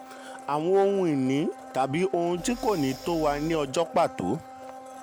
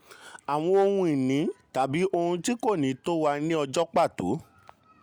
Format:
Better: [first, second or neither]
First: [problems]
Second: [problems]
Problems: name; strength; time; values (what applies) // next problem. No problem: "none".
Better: second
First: background sound (Breathing + Domestic sounds, home sounds); 15 dB below the speech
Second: none